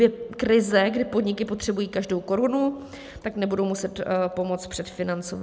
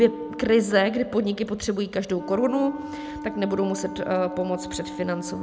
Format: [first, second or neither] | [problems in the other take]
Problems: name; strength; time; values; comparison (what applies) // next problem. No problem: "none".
first | background sound (Wind instrument, woodwind instrument); 12 dB below the speech